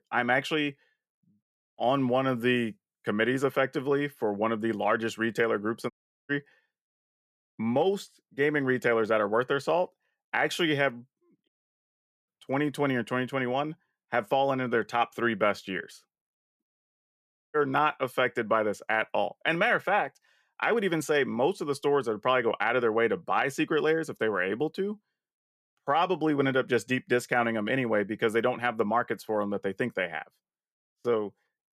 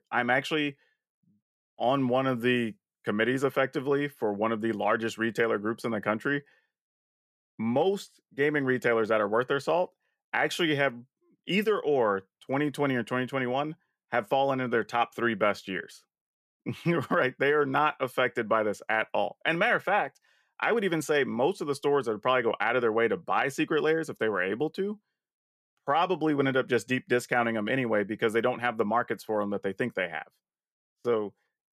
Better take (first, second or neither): second